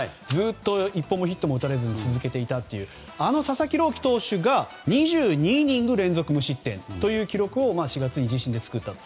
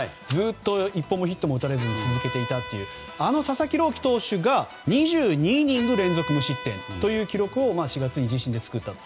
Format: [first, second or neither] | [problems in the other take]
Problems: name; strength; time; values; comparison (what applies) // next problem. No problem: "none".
first | background sound (Bowed string instrument); 15 dB below the speech